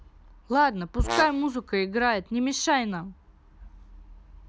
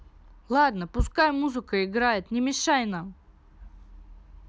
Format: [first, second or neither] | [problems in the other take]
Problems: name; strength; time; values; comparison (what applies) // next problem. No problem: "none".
second | background sound (Brass instrument); 8 dB below the speech